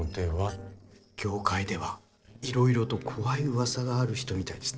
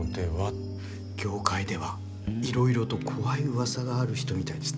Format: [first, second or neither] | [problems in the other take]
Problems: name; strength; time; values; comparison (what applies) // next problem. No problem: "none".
second | noise reduction (neural separator model SepFormer DNS4)